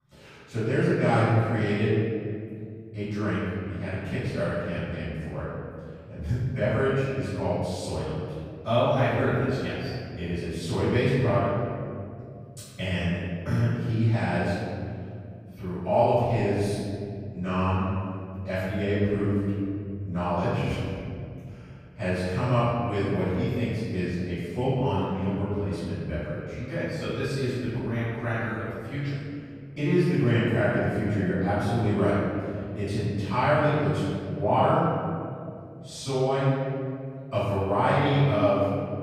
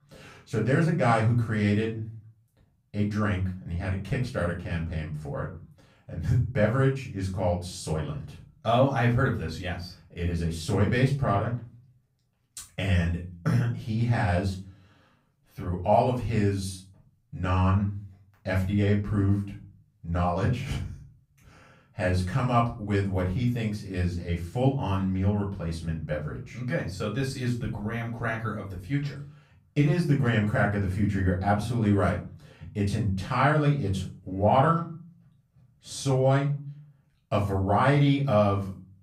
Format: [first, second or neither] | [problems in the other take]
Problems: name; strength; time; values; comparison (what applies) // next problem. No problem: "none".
second | room echo; strong; dies away in 2.4 s; slight in the second // off-mic speech; far; far in the second